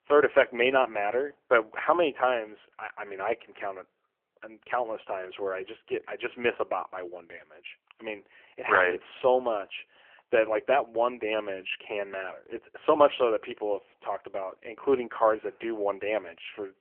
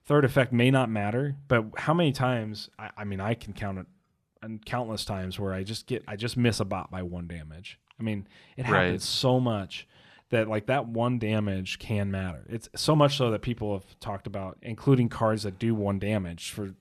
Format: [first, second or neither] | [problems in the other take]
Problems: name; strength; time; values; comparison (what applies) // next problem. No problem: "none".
second | phone-call audio; poor line; nothing above 3 kHz